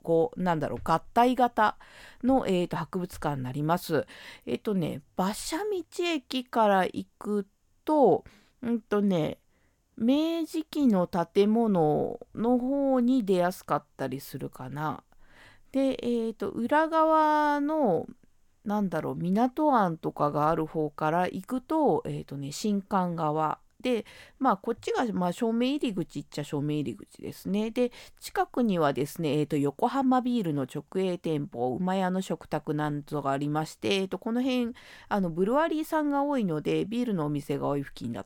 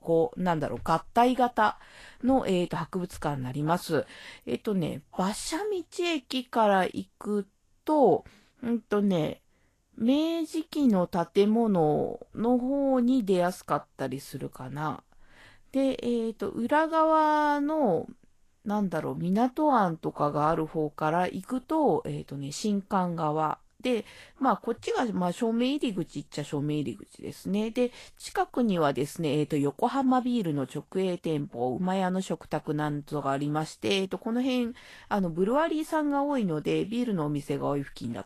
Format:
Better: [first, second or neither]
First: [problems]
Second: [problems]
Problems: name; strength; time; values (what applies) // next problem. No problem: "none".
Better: first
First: none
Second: garbled, watery; slightly; nothing above 12.5 kHz